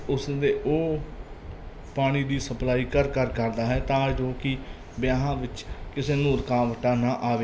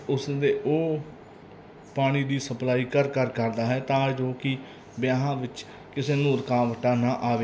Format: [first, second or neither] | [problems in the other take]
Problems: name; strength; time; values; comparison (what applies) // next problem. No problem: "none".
second | background sound (Waves, surf); 11 dB below the speech